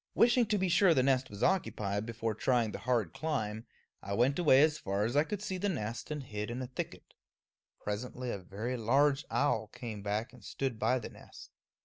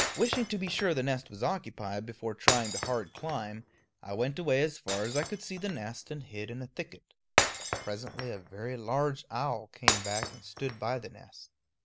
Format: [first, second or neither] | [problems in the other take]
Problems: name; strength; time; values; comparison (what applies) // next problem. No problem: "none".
first | background sound (Shatter); 2 dB below the speech